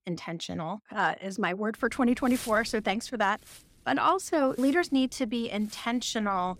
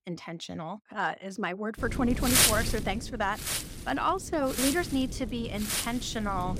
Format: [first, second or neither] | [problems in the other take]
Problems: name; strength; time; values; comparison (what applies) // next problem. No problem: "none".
first | wind noise on the microphone; heavy; from 2 s on; 2 dB above the speech; occasional gusts in the first